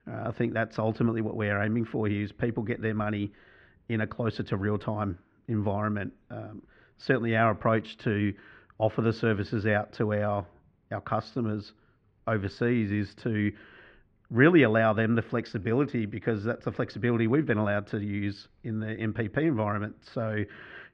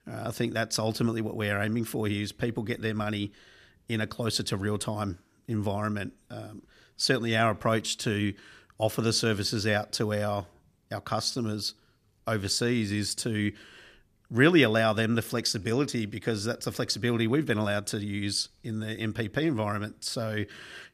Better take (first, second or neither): second